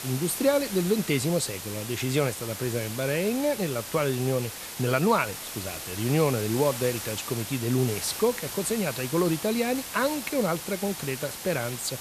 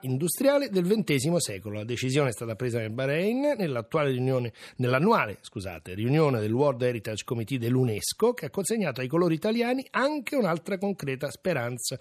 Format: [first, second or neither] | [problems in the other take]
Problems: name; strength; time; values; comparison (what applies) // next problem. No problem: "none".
second | hiss; loud; throughout; 7 dB below the speech